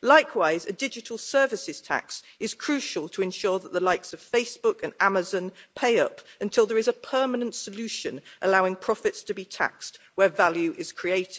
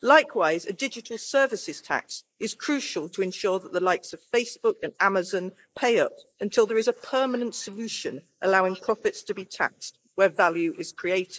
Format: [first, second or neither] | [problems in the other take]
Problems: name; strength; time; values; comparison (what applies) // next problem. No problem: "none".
first | noise reduction (neural mask model Resemble Enhance denoiser)